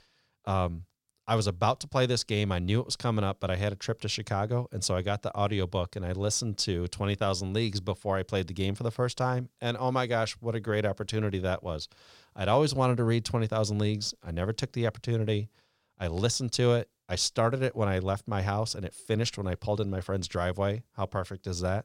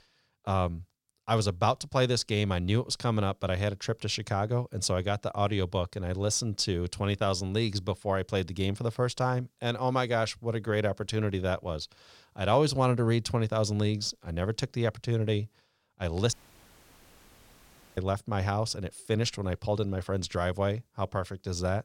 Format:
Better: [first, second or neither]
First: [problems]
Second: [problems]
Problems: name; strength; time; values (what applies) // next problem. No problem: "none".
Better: first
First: none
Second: audio cutting out; at 16 s for 1.5 s